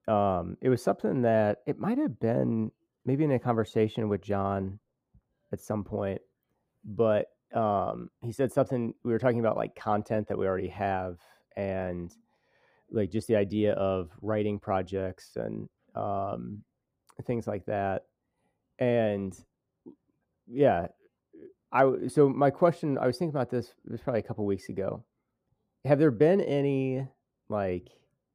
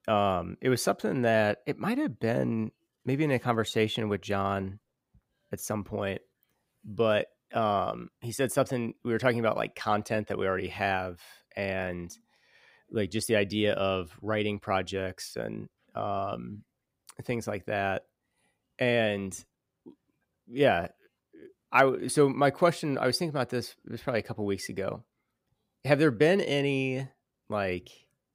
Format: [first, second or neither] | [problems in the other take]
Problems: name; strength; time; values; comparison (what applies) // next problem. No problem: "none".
second | muffled; slightly; fading above 1.5 kHz